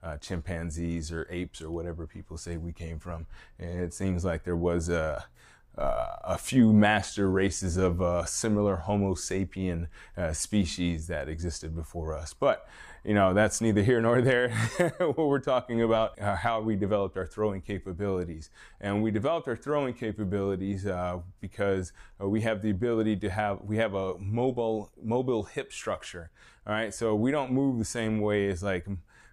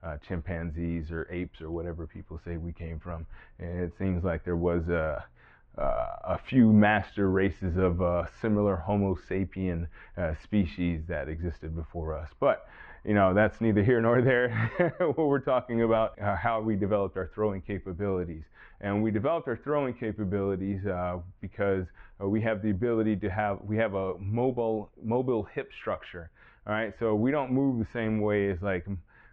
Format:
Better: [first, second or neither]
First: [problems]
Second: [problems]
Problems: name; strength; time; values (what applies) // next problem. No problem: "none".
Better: first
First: none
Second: muffled; very; fading above 2.5 kHz